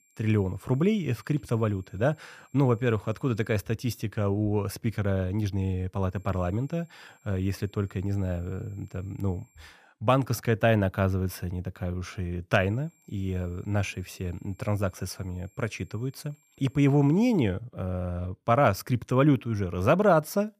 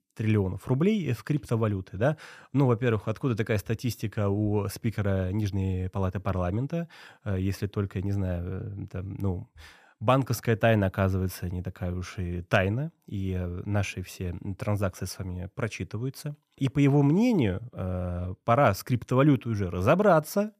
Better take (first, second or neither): second